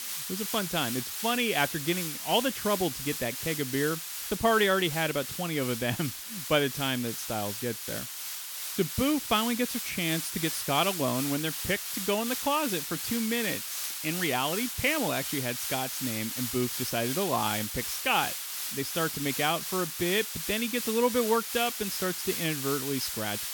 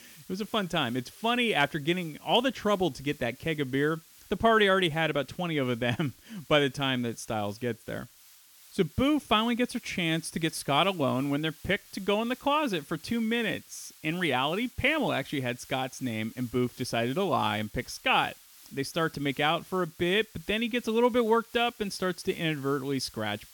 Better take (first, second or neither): second